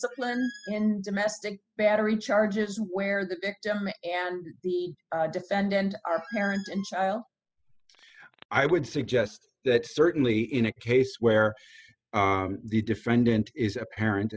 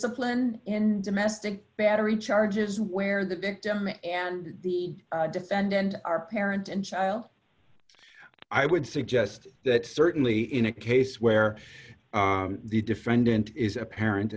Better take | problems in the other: second | noise reduction (classical method spectral subtraction)

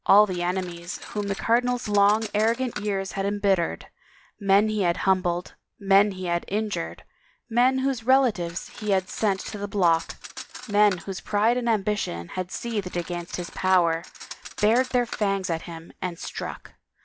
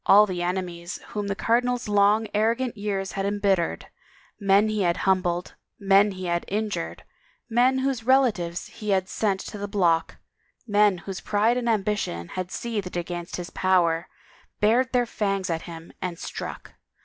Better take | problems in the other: second | background sound (Cutlery, silverware); 18 dB below the speech

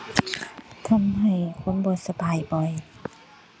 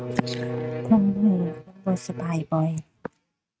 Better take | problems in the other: first | noise reduction (neural mask model RNNoise)

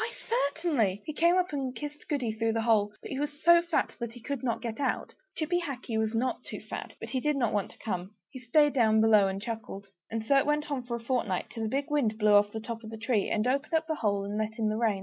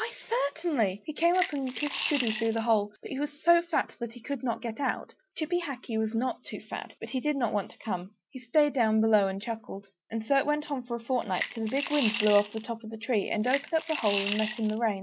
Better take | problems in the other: first | background sound (Coin (dropping) / Glass); 7 dB below the speech

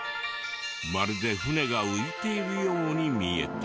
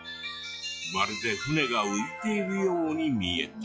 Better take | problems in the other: first | noise reduction (classical method log-MMSE)

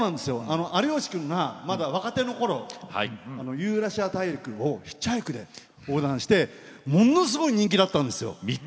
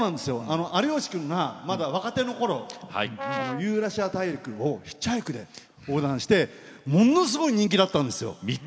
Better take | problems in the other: first | background sound (Brass instrument); 7 dB below the speech

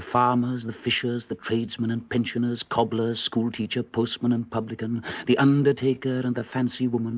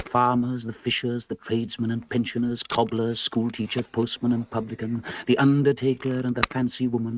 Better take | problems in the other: first | noise reduction (neural mask model RNNoise)

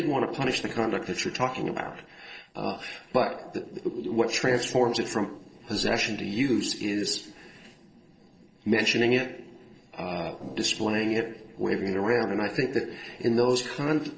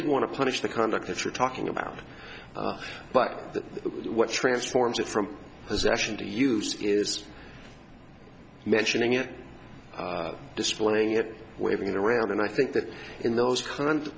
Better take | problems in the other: second | noise reduction (neural separator model SepFormer DNS4)

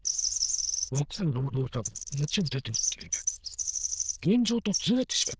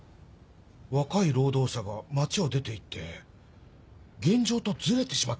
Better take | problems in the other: second | noise reduction (neural diffusion model UNIVERSE++)

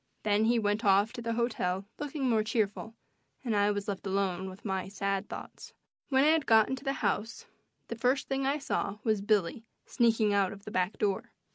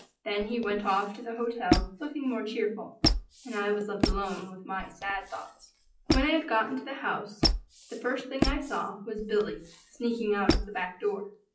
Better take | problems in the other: first | noise reduction (classical method WPE with log-MMSE)

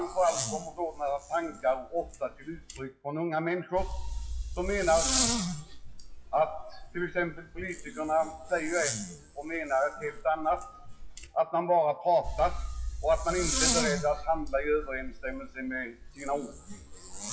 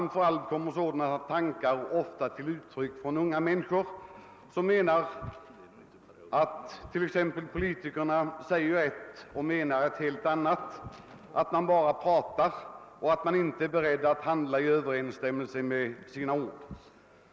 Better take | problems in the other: second | noise reduction (classical method WPE with log-MMSE)

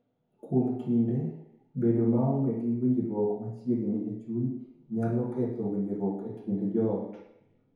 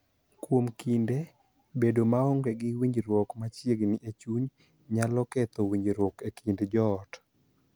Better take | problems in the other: second | room echo; dies away in 0.9 s

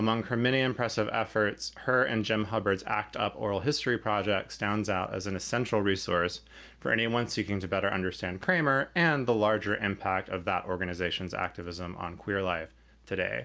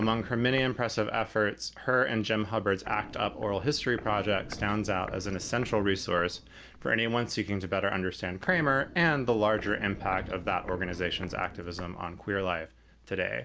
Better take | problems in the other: first | background sound (Walk, footsteps); 16 dB below the speech

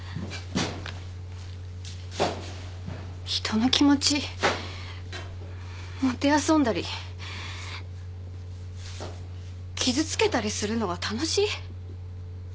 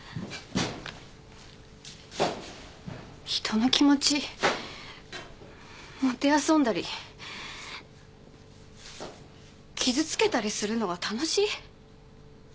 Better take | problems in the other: second | background sound (Domestic sounds, home sounds); 9 dB below the speech

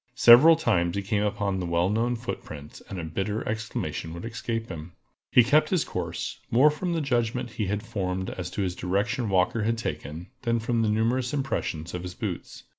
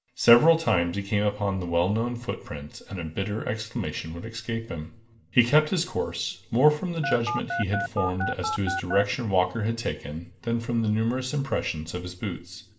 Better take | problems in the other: first | background sound (Telephone); 4 dB below the speech // room echo; dies away in 0.5 s

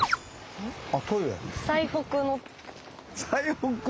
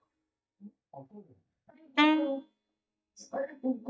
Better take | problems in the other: first | noise reduction (neural mask model DeepFilterNet 3)

